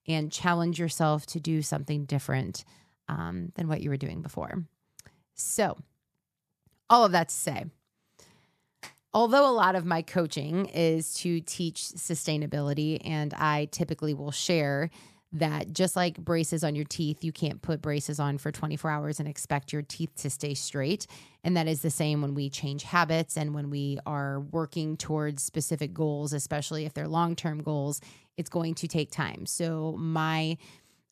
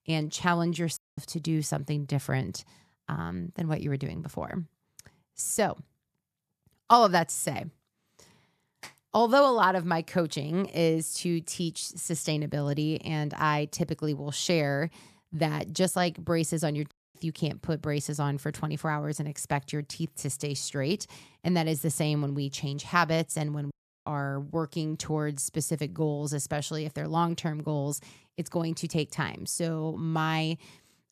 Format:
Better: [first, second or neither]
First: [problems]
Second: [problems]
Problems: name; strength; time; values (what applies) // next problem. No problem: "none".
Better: first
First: none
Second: audio cutting out; at 1 s, at 17 s and at 24 s